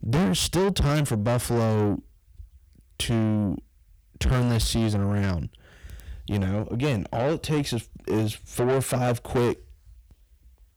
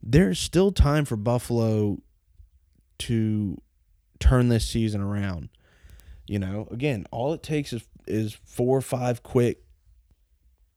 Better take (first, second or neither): second